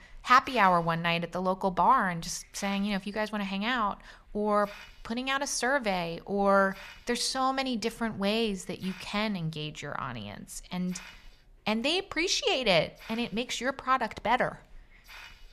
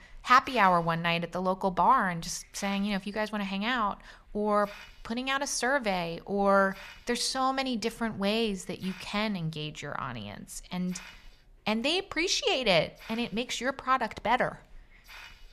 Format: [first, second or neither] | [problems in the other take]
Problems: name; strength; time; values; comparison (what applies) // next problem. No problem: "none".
neither | hiss; faint; throughout; 25 dB below the speech; the same in both